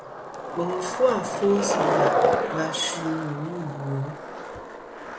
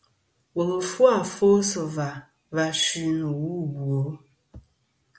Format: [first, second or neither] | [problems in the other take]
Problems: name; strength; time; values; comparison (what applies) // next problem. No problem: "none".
second | background sound (Skateboard); 1 dB above the speech